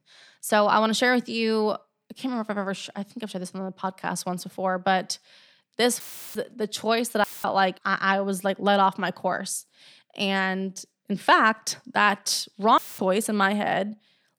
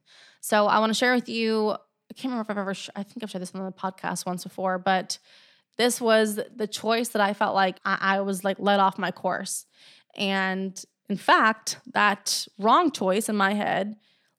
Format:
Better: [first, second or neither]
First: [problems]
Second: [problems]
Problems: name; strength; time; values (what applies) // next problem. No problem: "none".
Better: second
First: audio cutting out; filled with static; at 6 s, at 7 s and at 13 s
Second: none